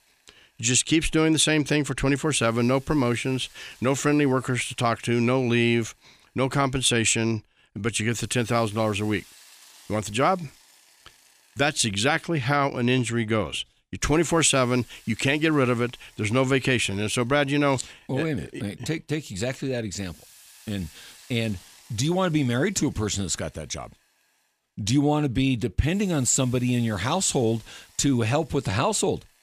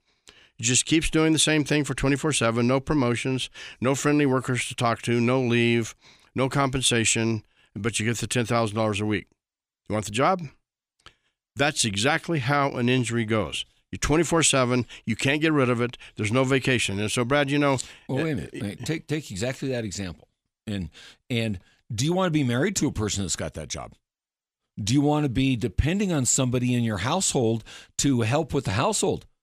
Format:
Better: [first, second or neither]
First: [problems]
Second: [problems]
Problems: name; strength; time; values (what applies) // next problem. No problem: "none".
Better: second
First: hiss; faint; throughout; 25 dB below the speech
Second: none